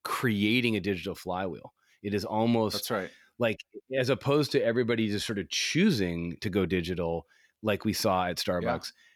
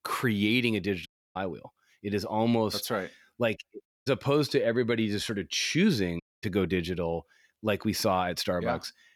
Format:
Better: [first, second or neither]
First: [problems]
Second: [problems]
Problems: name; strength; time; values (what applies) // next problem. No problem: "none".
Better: first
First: none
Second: audio cutting out; at 1 s, at 4 s and at 6 s